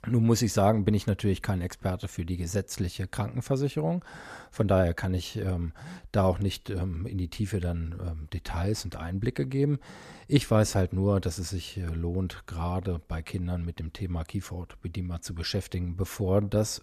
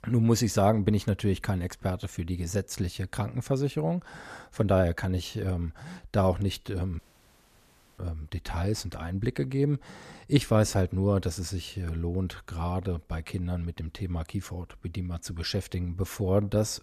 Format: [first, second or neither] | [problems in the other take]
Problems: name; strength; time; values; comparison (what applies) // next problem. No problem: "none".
first | audio cutting out; at 7 s for 1 s